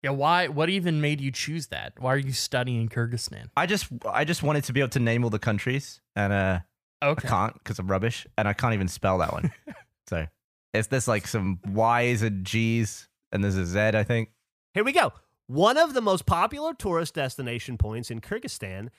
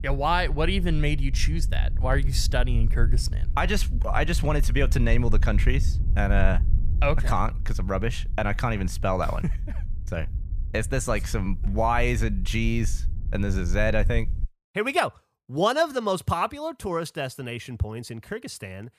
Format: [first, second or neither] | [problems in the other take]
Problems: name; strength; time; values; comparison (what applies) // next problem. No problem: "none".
first | low rumble; noticeable; until 14 s; 20 dB below the speech